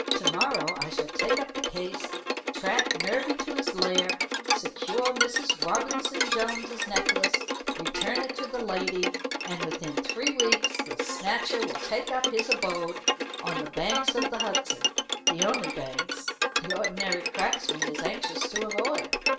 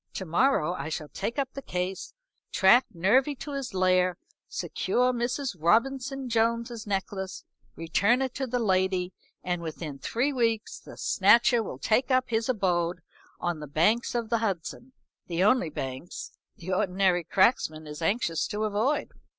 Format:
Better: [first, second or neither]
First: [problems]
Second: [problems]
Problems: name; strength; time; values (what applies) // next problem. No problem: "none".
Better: second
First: background sound (Bowed string instrument); 3 dB above the speech // room echo; dies away in 0.4 s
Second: none